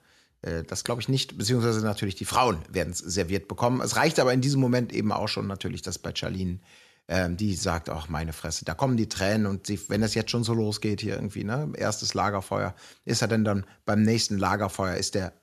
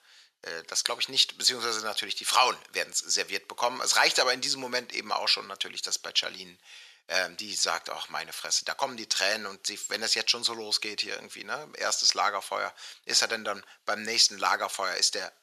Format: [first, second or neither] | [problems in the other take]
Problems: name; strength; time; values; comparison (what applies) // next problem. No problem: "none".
first | thin; very; fading below 750 Hz